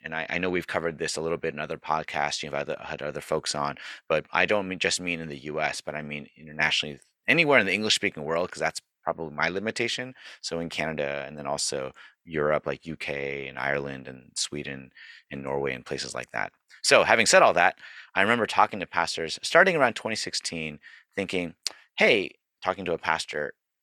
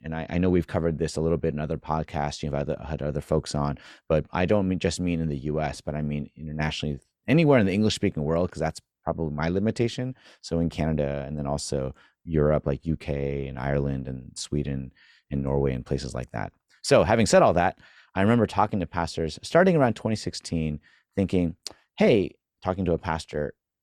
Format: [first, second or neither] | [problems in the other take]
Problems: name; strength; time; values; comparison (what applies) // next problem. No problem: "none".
second | thin; somewhat; fading below 1 kHz